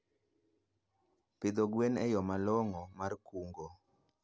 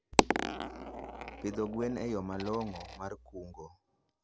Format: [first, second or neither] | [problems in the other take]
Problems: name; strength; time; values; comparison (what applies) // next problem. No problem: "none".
first | background sound (Coin (dropping)); 3 dB above the speech